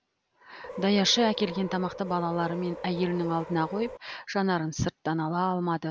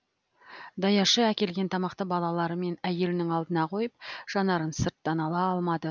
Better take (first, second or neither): second